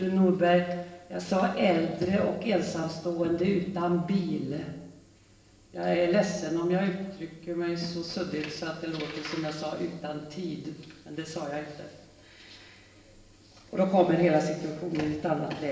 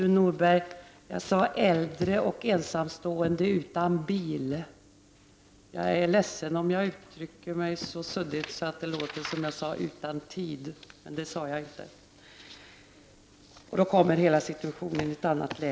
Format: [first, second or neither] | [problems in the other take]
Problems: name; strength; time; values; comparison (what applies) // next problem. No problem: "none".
second | room echo; dies away in 0.9 s